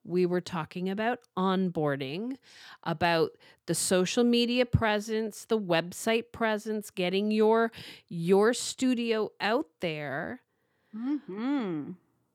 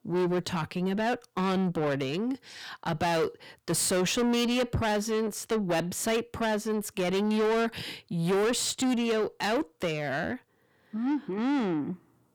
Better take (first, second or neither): first